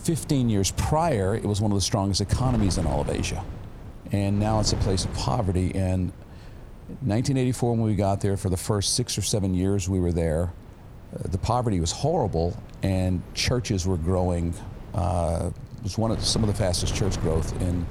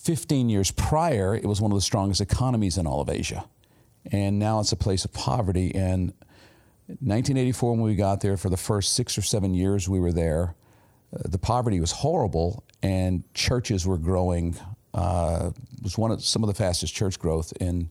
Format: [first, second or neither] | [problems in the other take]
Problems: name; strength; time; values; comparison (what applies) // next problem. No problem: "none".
second | wind noise on the microphone; occasional gusts; 15 dB below the speech